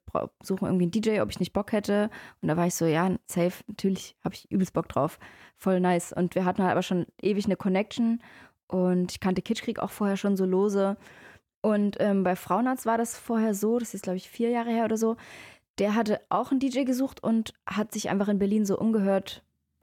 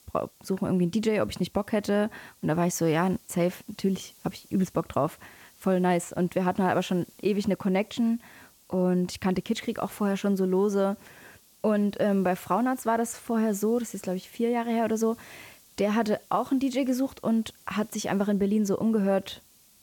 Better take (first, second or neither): first